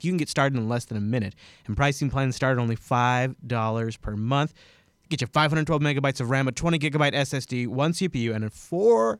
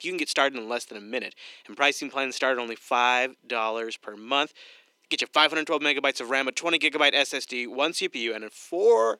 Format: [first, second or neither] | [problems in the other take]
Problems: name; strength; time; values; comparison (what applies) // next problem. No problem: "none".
first | thin; somewhat; fading below 300 Hz